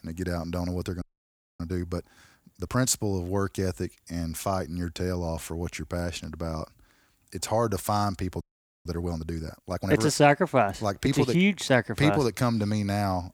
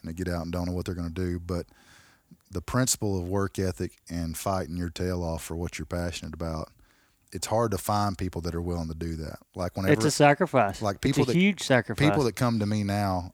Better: second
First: audio freezing; at 1 s for 0.5 s and at 8.5 s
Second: none

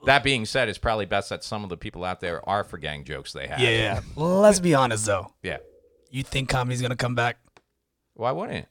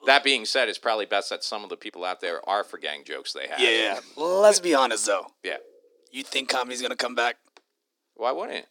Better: first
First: none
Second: thin; somewhat; fading below 300 Hz

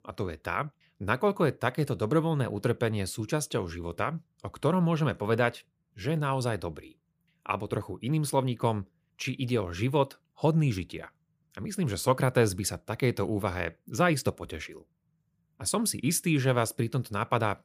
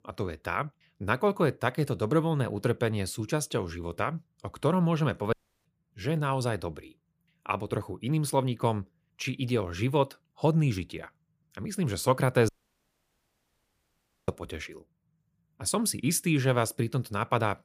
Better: first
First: none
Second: audio cutting out; at 5.5 s and at 12 s for 2 s

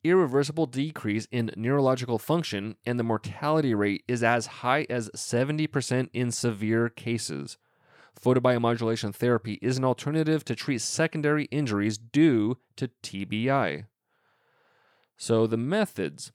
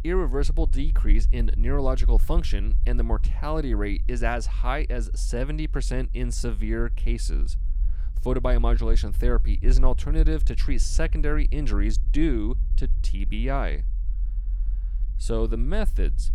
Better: first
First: none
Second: low rumble; noticeable; throughout; 20 dB below the speech

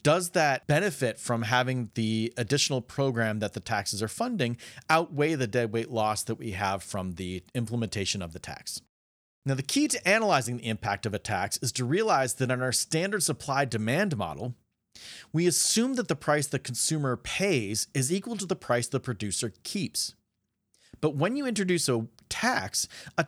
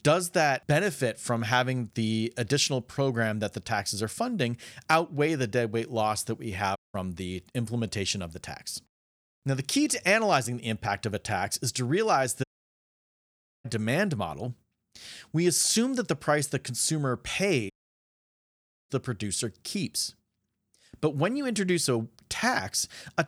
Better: first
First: none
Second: audio cutting out; at 7 s, at 12 s for 1 s and at 18 s for 1 s

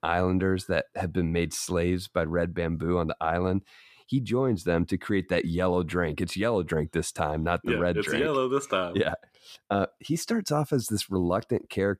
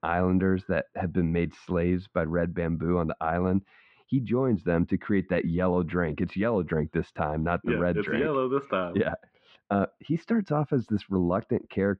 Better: first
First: none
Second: muffled; very; fading above 2.5 kHz

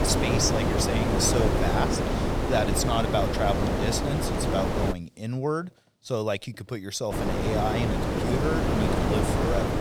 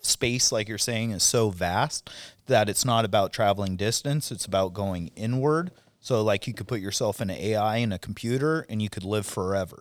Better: second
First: wind noise on the microphone; heavy; until 5 s and from 7 s on; 1 dB above the speech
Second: none

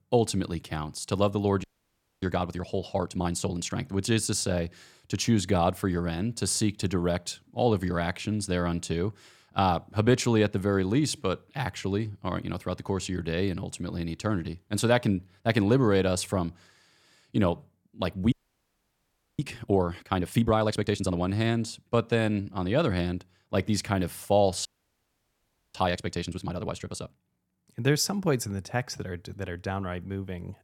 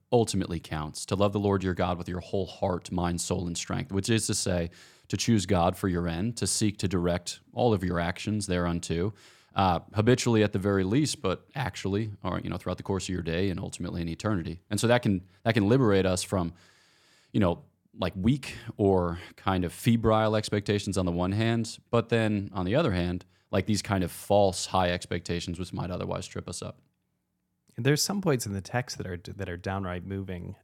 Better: second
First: audio freezing; at 1.5 s for 0.5 s, at 18 s for 1 s and at 25 s for 1 s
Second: none

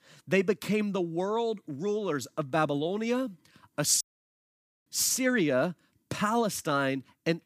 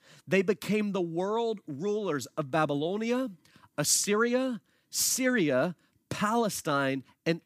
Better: second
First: audio cutting out; at 4 s for 1 s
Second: none

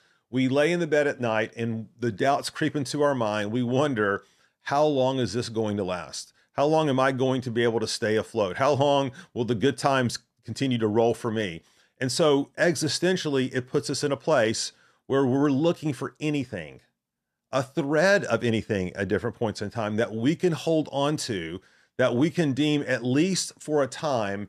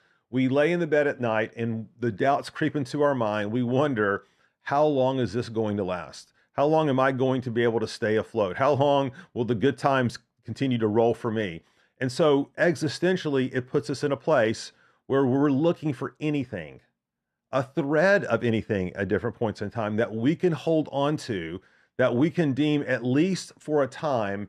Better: first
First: none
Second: muffled; slightly; fading above 3.5 kHz

